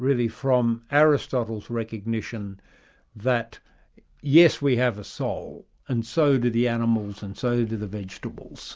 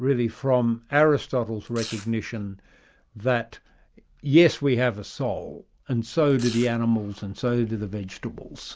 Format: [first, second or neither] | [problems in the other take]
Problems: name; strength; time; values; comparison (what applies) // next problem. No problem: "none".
first | background sound (Domestic sounds, home sounds); 16 dB below the speech